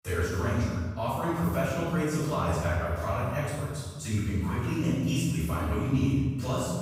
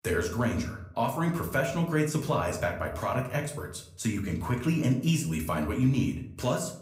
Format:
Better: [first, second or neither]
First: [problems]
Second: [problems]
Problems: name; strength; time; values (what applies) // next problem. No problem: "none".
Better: second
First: room echo; strong; dies away in 1.4 s // off-mic speech; far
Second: room echo; slight; dies away in 0.5 s // off-mic speech; somewhat distant